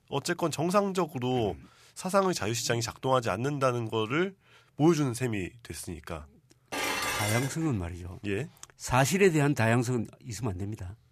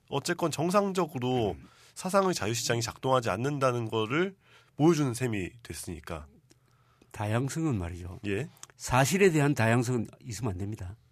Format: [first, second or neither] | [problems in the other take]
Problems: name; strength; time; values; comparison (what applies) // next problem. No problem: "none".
second | clattering dishes; noticeable; at 6.5 s; peak level with the speech